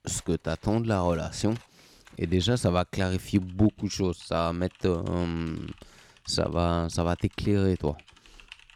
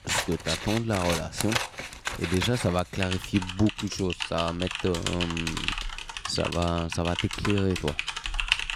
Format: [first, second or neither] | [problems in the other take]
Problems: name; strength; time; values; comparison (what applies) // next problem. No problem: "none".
first | household noises; loud; throughout; 3 dB below the speech; faint in the first